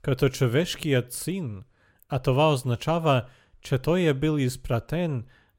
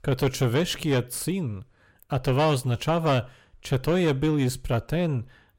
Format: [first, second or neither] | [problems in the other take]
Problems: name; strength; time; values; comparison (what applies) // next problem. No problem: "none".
first | distortion; slight; 10 dB below the speech